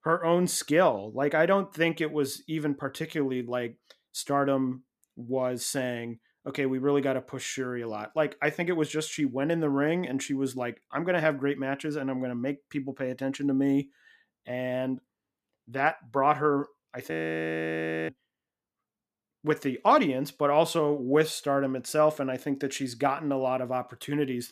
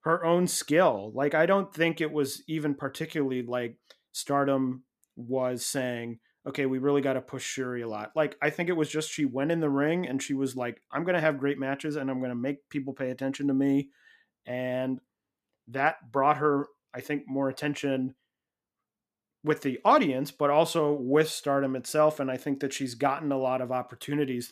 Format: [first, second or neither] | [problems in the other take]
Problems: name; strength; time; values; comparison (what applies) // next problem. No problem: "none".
second | audio freezing; at 17 s for 1 s